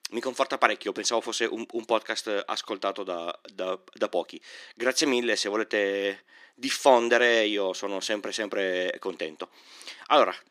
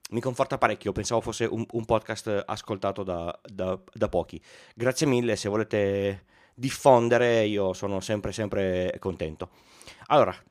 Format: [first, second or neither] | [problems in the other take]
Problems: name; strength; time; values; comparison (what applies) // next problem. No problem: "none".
second | thin; very slightly; fading below 300 Hz